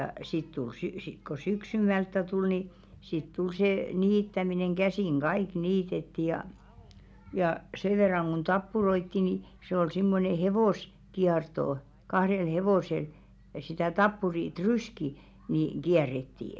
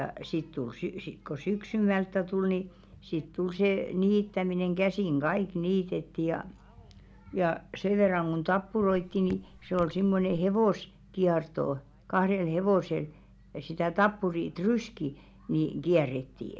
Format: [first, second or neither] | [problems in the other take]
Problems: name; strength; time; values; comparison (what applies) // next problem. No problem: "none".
first | background sound (Raindrop / Drip); 17 dB below the speech